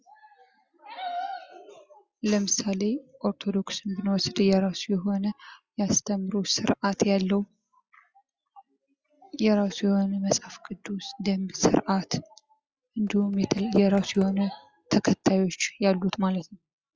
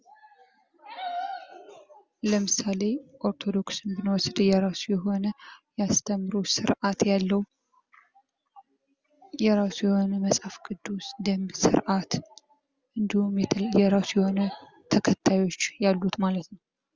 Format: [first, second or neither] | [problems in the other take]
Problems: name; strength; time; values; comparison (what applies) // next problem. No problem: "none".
second | noise reduction (classical method log-MMSE)